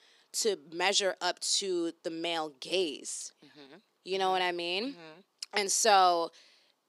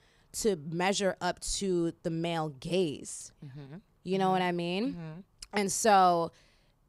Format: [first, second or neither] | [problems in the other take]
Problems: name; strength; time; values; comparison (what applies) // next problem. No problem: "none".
second | thin; somewhat; fading below 300 Hz